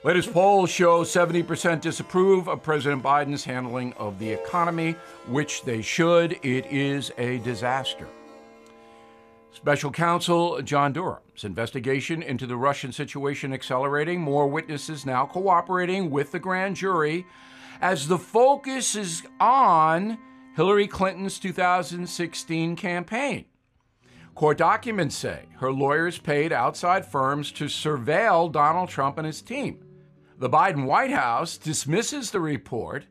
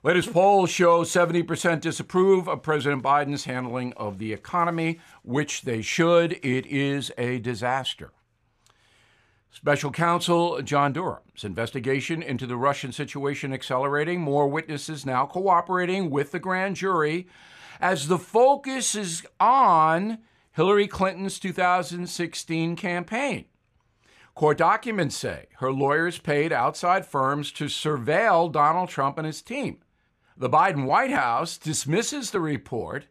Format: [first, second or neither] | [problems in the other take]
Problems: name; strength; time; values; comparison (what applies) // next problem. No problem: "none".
second | background music; faint; throughout; 25 dB below the speech